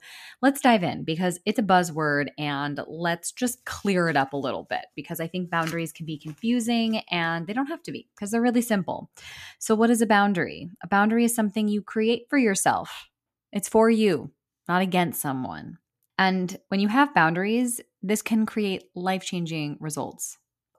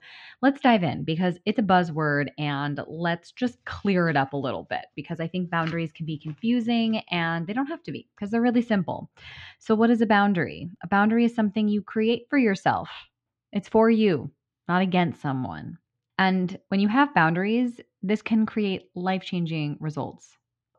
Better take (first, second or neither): first